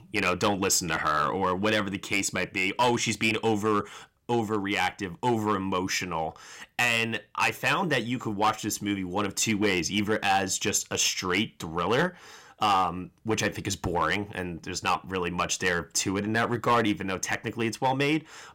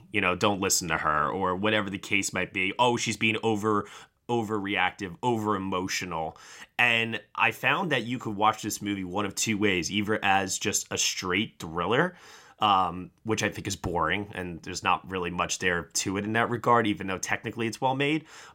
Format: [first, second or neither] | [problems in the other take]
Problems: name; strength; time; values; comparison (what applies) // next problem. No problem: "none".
second | distortion; slight; 3% of the sound clipped